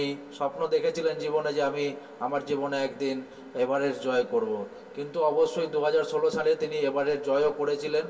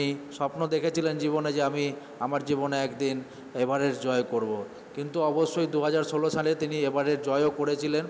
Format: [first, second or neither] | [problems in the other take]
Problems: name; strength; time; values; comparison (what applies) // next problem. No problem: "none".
second | room echo; dies away in 0.1 s